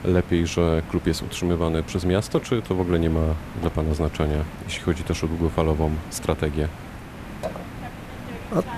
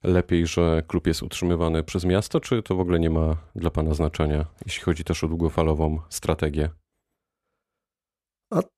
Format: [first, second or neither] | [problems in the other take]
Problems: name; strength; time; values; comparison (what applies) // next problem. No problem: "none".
second | hiss; noticeable; throughout; 10 dB below the speech